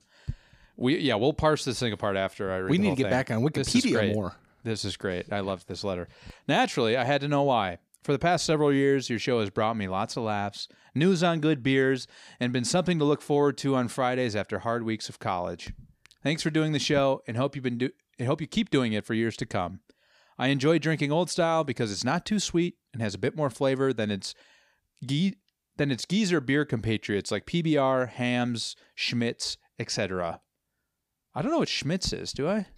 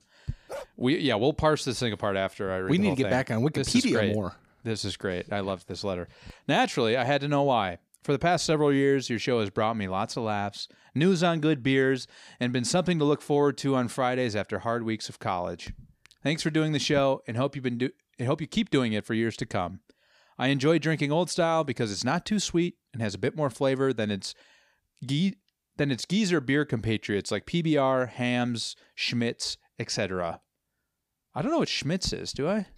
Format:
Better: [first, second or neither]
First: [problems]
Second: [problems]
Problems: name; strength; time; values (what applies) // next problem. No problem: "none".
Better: first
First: none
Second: dog barking; faint; at 0.5 s; peak 15 dB below the speech